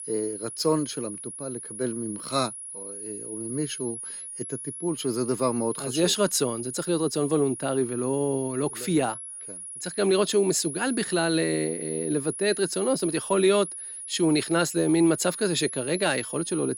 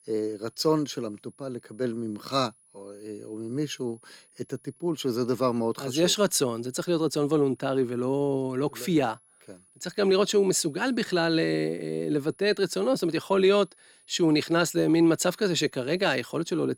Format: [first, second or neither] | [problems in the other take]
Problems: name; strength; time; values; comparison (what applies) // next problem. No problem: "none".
second | high-pitched whine; loud; throughout; 10.5 kHz, 9 dB below the speech; faint in the second